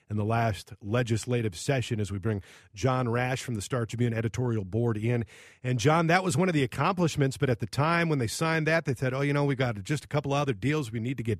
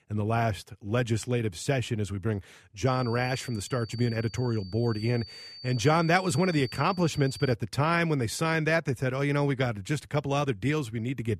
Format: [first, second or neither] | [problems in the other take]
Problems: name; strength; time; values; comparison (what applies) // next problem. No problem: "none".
first | high-pitched whine; noticeable; from 3 to 7.5 s; 4.5 kHz, 15 dB below the speech